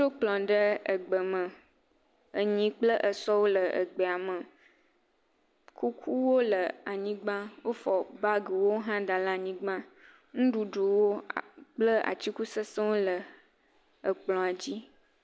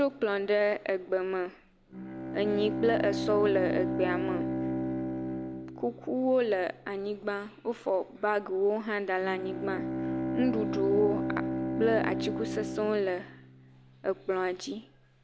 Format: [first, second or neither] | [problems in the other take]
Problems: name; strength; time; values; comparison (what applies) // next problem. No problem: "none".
first | background sound (Bowed string instrument); 5 dB below the speech